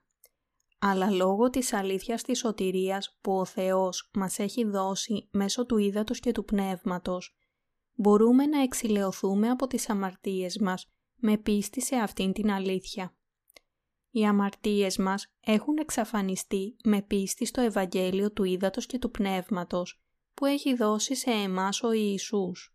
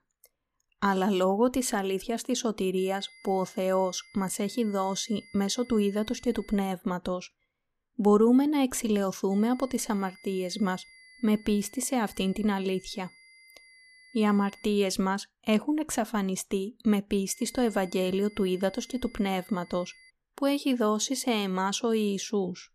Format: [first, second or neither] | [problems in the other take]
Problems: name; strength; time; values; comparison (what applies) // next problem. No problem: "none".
first | high-pitched whine; faint; from 3 to 6.5 s, from 9.5 to 15 s and from 17 to 20 s; 2 kHz, 25 dB below the speech